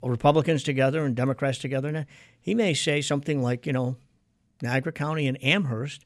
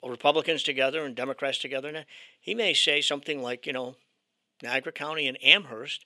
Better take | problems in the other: first | thin; somewhat; fading below 450 Hz

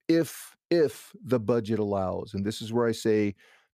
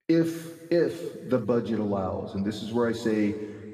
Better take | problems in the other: first | room echo; slight; dies away in 1.9 s // off-mic speech; far

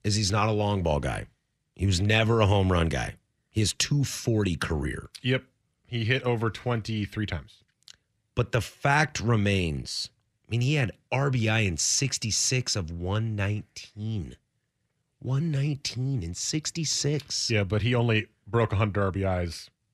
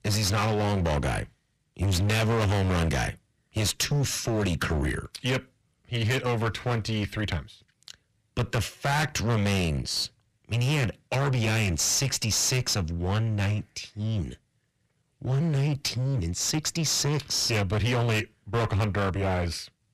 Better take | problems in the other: first | distortion; heavy; 22% of the sound clipped

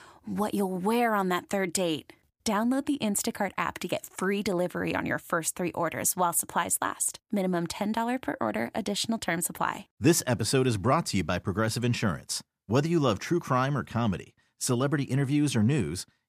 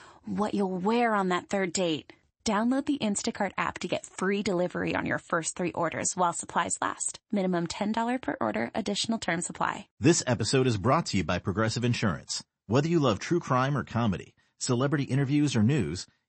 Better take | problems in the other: first | garbled, watery; slightly; nothing above 8 kHz

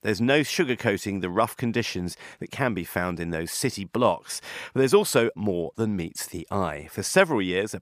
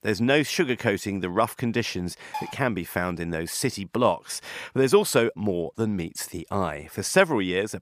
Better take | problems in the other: first | clattering dishes; faint; at 2.5 s; peak 10 dB below the speech

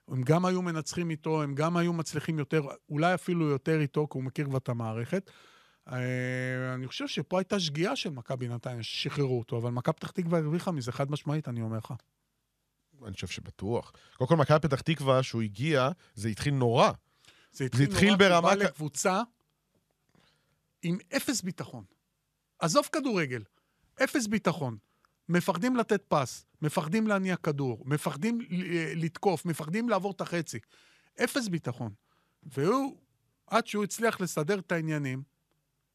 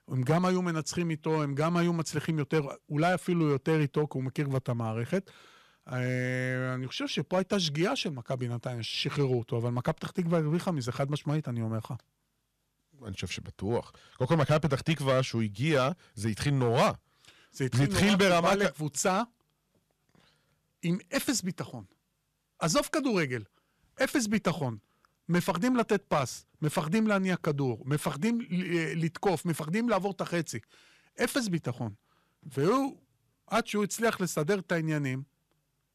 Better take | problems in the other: first | distortion; slight; 3% of the sound clipped

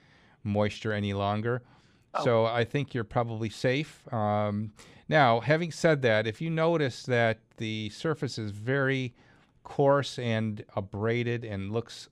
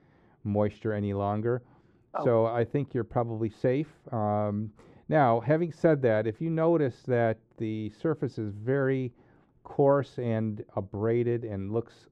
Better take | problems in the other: first | muffled; very; fading above 2 kHz

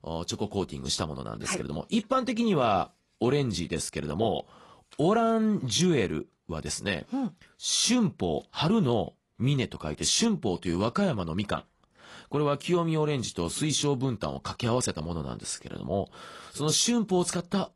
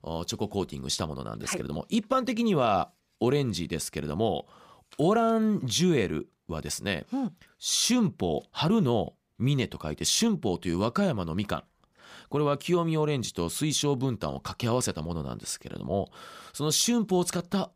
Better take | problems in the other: second | garbled, watery; slightly; nothing above 11 kHz

